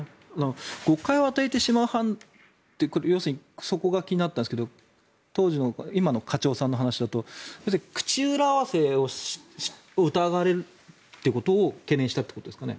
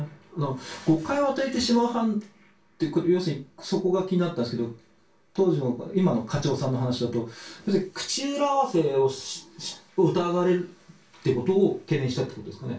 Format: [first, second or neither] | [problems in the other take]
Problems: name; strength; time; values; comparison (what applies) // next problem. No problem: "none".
first | room echo; dies away in 0.2 s